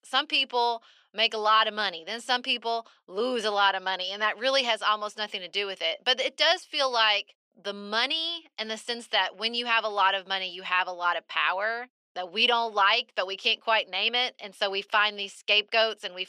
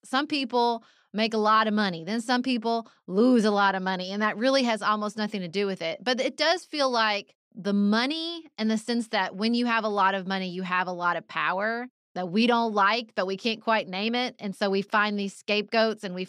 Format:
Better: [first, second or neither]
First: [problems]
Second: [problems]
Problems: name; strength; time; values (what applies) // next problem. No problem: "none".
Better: second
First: thin; very; fading below 600 Hz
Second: none